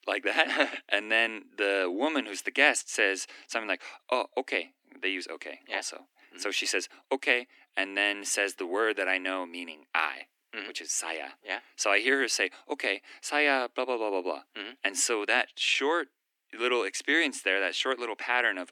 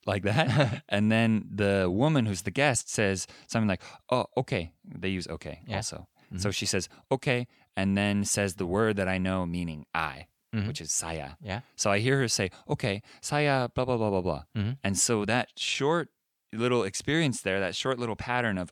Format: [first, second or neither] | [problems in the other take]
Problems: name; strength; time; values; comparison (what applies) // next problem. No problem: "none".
second | thin; somewhat; fading below 250 Hz